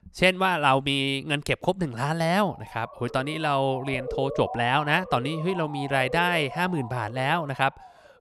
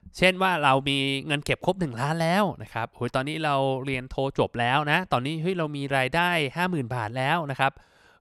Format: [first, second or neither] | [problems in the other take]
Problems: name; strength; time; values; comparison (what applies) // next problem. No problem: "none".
second | siren; noticeable; from 2.5 s on; peak 7 dB below the speech